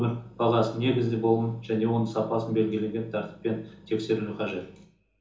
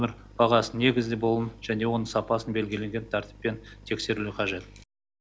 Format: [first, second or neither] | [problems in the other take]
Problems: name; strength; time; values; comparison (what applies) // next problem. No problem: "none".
second | room echo; dies away in 0.7 s